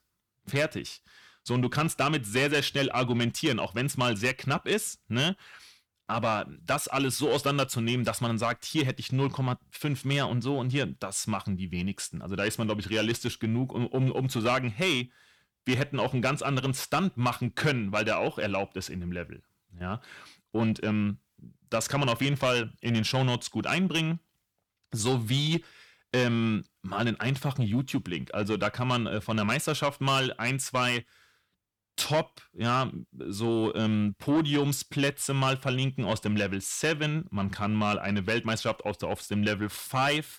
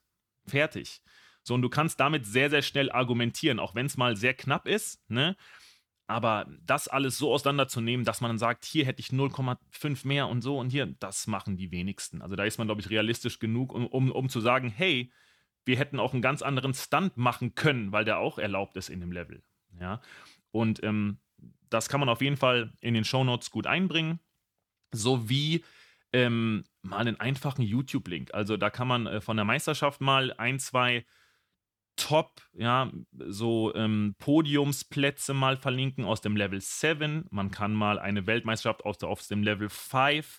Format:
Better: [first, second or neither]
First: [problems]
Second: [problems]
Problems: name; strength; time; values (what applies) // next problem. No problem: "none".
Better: second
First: distortion; slight; 10 dB below the speech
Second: none